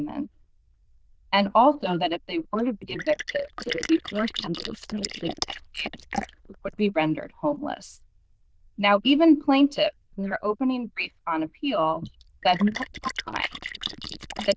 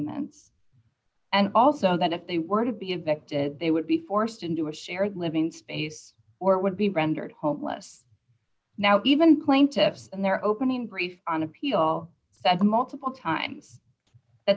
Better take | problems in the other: second | noise reduction (neural diffusion model UNIVERSE++)

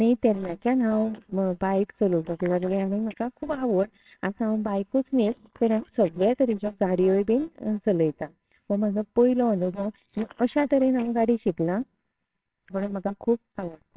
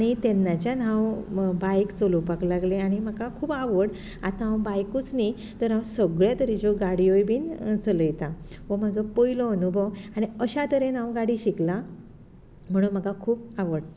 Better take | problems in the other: second | noise reduction (neural separator model SepFormer WHAMR!)

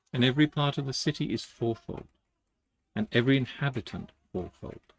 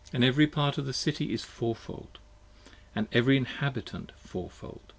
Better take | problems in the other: second | noise reduction (neural mask model RNNoise)

